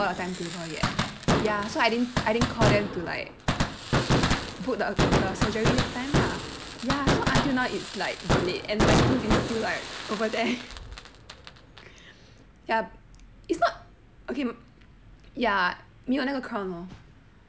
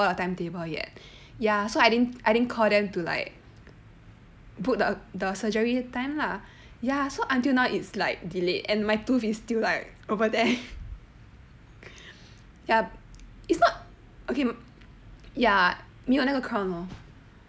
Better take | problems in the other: second | background sound (Fireworks); 1 dB above the speech

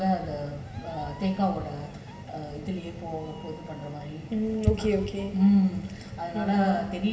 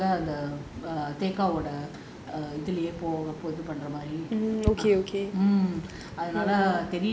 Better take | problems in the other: second | background sound (Meow); 20 dB below the speech // room echo; dies away in 1.4 s

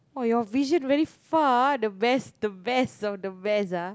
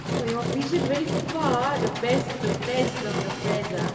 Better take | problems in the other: first | background sound (Engine); 1 dB below the speech // room echo; dies away in 2.4 s

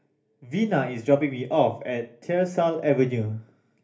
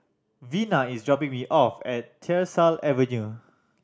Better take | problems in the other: second | room echo; dies away in 0.3 s

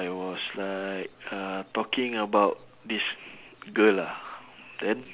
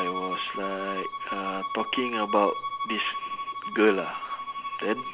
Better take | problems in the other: first | background sound (Bowed string instrument); 4 dB below the speech

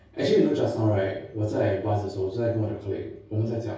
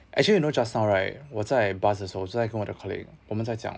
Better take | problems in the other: second | room echo; dies away in 0.6 s

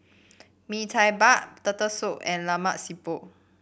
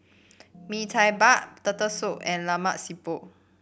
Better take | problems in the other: first | background sound (Organ); 20 dB below the speech

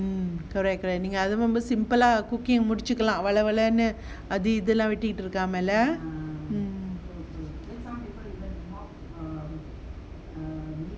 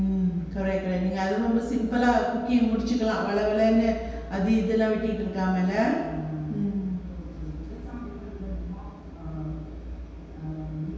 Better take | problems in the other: first | room echo; dies away in 1.2 s

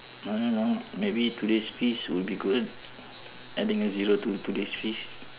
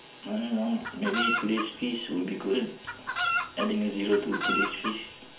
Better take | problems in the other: first | background sound (Chicken, rooster); 1 dB below the speech // room echo; dies away in 0.4 s

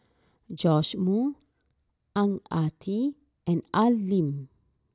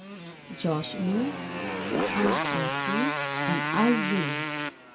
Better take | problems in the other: first | background sound (Motorcycle); as loud as the speech // room echo; dies away in 0.2 s

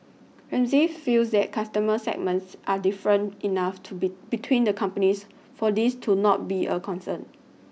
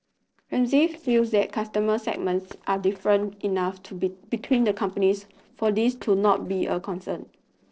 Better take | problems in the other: first | noise reduction (neural separator model SepFormer DNS4)

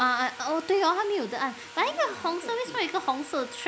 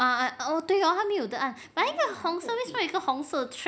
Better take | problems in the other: second | background sound (Sawing); 16 dB below the speech

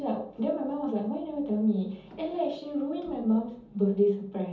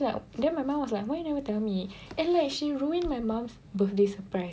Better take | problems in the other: second | room echo; dies away in 0.6 s

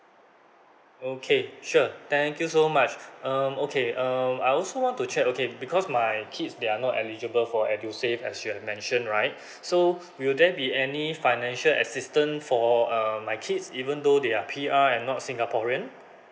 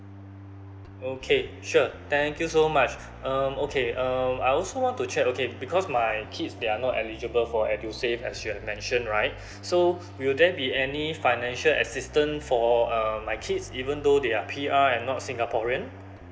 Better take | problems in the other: first | background sound (Bass guitar); 17 dB below the speech

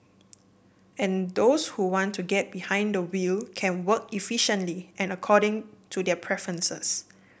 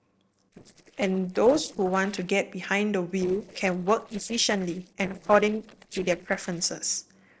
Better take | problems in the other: first | noise reduction (neural separator model SepFormer DNS4)

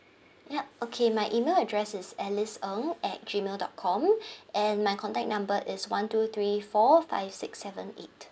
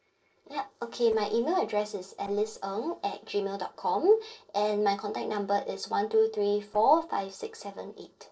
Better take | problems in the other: first | noise reduction (neural separator model SepFormer DNS4)

